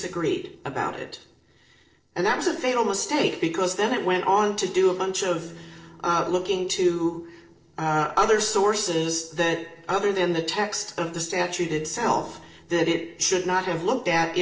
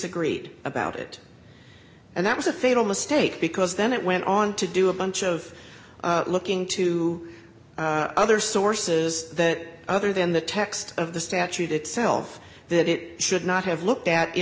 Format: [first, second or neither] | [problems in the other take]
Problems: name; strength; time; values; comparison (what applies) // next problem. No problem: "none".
second | noise reduction (neural separator model SepFormer DNS4)